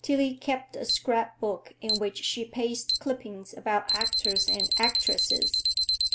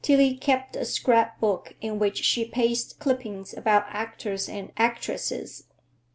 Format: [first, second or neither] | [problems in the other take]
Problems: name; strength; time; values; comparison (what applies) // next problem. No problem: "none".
second | background sound (Alarm); 1 dB above the speech